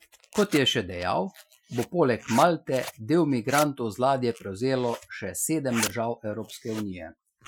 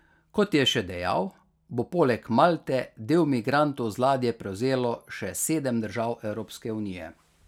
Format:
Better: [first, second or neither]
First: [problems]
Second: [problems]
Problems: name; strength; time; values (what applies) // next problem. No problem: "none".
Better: second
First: noise reduction (classical method Wiener filter)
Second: none